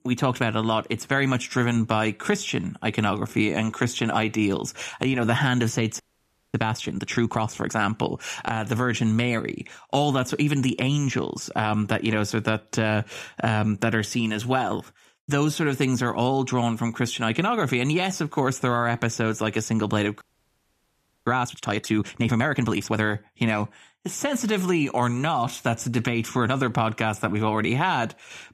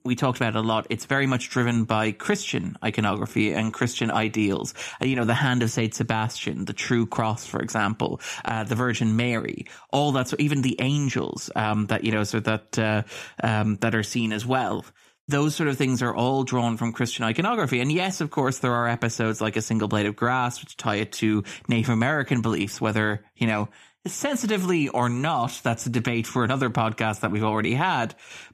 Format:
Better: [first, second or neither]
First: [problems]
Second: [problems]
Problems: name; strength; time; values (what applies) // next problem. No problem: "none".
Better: second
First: audio freezing; at 6 s for 0.5 s and at 20 s for 1 s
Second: none